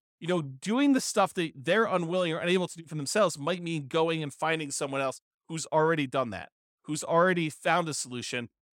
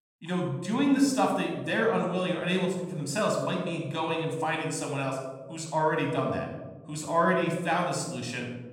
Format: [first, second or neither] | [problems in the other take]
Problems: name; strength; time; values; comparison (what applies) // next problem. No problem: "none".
first | off-mic speech; somewhat distant // room echo; noticeable; dies away in 1.2 s